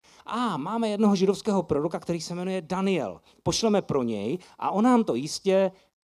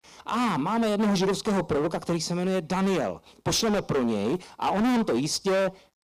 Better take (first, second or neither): first